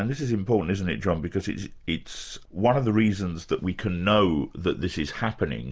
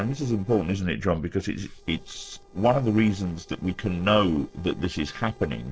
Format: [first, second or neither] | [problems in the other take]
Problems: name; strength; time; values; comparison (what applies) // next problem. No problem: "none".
first | noise reduction (neural separator model SepFormer DNS4)